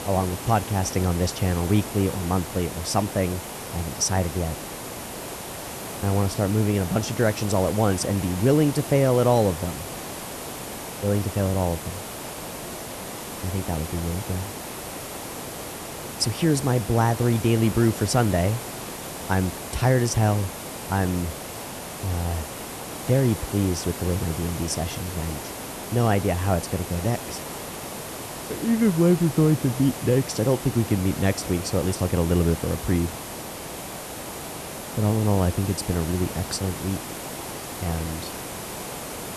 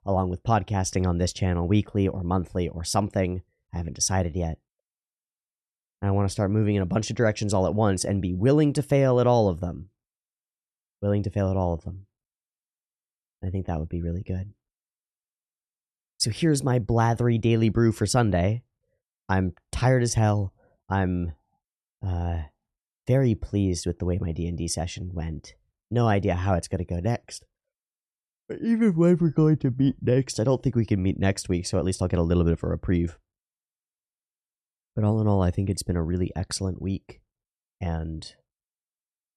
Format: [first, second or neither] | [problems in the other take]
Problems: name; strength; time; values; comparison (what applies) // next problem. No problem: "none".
second | hiss; loud; throughout; 9 dB below the speech